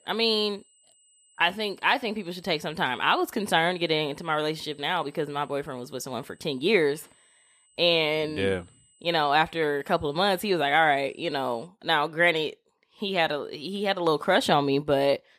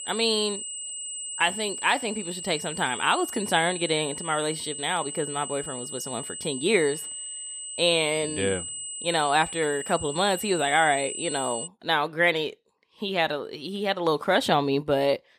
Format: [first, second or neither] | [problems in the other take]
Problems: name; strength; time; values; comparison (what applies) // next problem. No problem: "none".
first | high-pitched whine; loud; until 12 s; 8 kHz, 7 dB below the speech; faint in the first